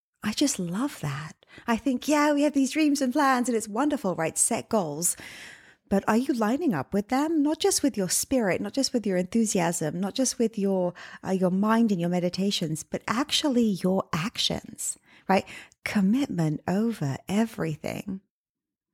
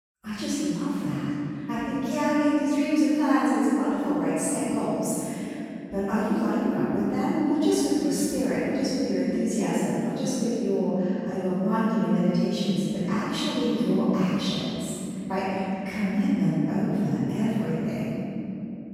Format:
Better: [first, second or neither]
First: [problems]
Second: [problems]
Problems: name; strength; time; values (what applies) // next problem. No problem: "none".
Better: first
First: none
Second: room echo; strong; dies away in 3 s // off-mic speech; far